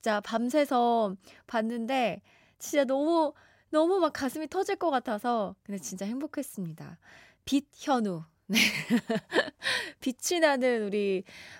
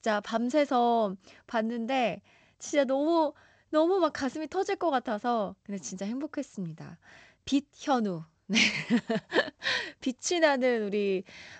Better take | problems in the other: first | garbled, watery; slightly; nothing above 7.5 kHz

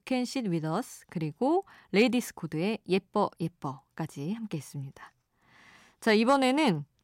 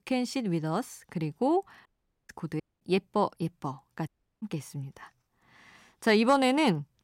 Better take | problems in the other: first | audio cutting out; at 2 s, at 2.5 s and at 4 s

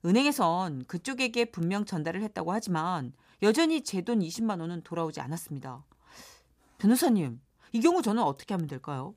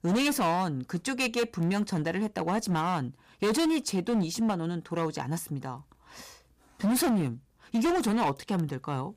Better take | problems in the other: first | distortion; heavy; 13% of the sound clipped

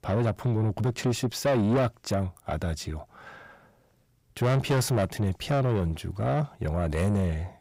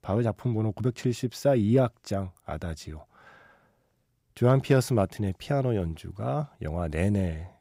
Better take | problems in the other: second | distortion; heavy; 7 dB below the speech

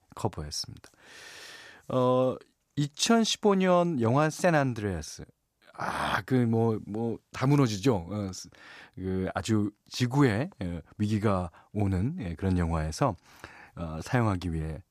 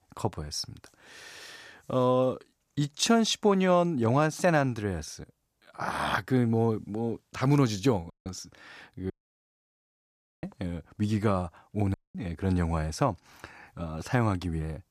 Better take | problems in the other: first | audio cutting out; at 8 s, at 9 s for 1.5 s and at 12 s

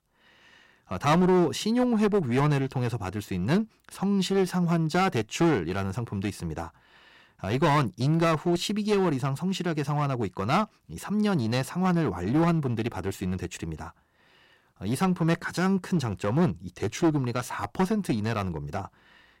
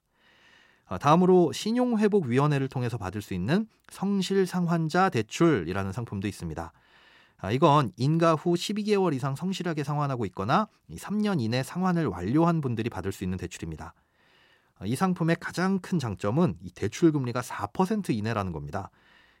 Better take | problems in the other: second | distortion; slight; 7% of the sound clipped

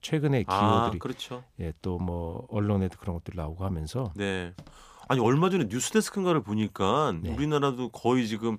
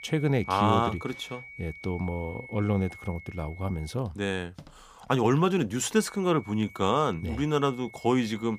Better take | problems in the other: first | high-pitched whine; noticeable; until 4 s and from 6 s on; 2.5 kHz, 15 dB below the speech

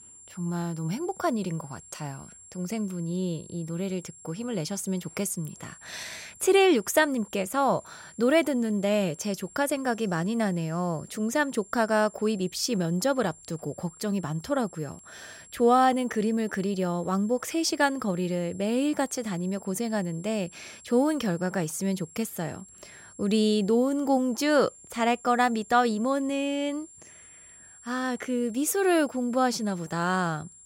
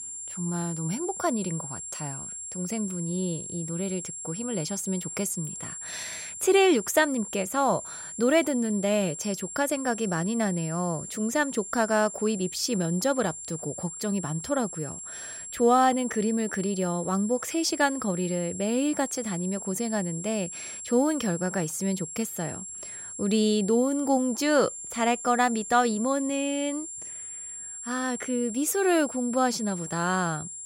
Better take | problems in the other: first | high-pitched whine; loud; throughout; 7.5 kHz, 9 dB below the speech; faint in the first

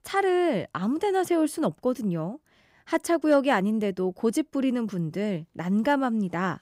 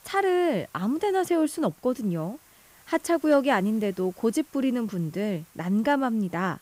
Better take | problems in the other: first | hiss; faint; throughout; 25 dB below the speech

